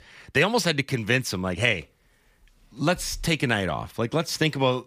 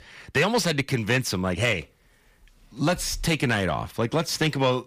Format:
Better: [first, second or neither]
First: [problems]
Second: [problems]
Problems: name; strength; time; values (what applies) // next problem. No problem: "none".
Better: first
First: none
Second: distortion; slight; 10 dB below the speech